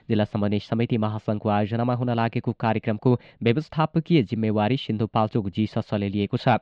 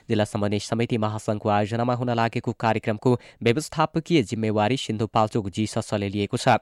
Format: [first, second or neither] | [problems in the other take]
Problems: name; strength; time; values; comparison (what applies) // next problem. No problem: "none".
second | muffled; very slightly; fading above 3.5 kHz